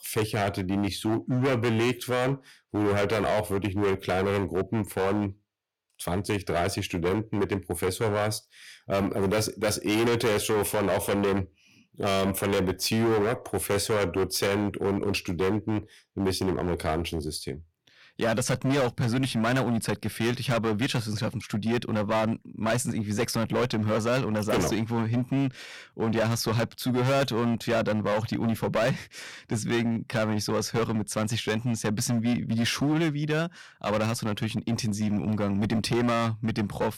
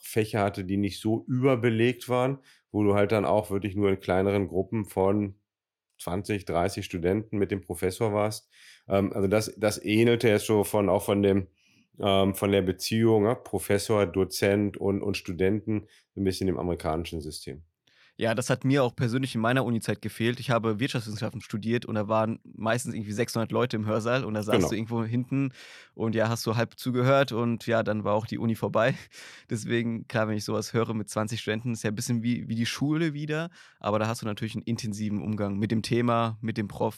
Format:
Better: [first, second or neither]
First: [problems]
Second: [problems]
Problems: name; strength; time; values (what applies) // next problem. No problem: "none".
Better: second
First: distortion; heavy; 15% of the sound clipped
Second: none